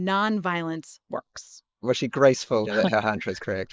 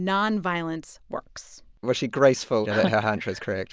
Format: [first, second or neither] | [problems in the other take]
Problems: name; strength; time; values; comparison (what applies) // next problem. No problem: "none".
second | noise reduction (neural mask model Resemble Enhance denoiser)